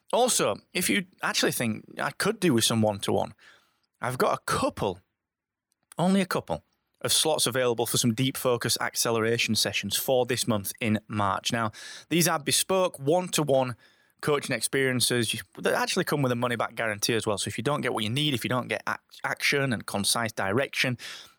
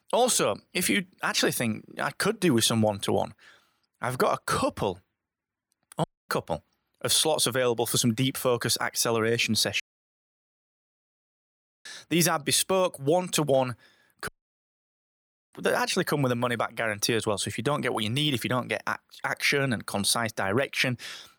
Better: first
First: none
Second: audio cutting out; at 6 s, at 10 s for 2 s and at 14 s for 1.5 s

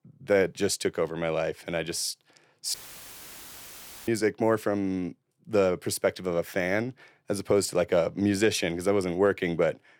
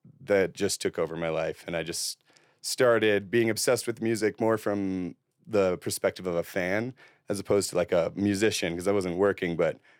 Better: second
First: audio cutting out; filled with static; at 2.5 s for 1.5 s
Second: none

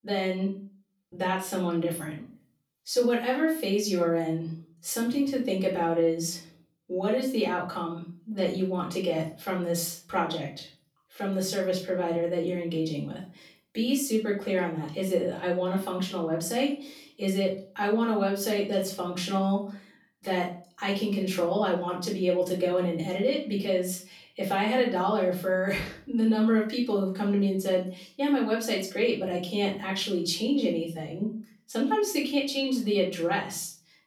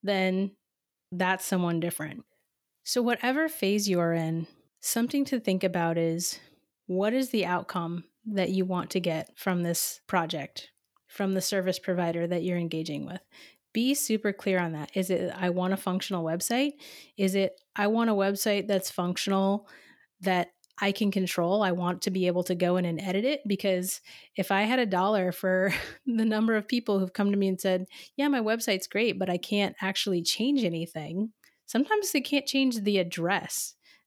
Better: second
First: off-mic speech; far // room echo; slight; dies away in 0.4 s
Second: none

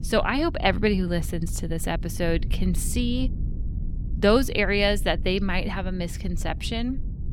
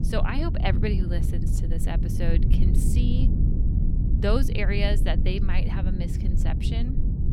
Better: first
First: low rumble; faint; throughout; 20 dB below the speech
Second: low rumble; loud; throughout; 6 dB below the speech

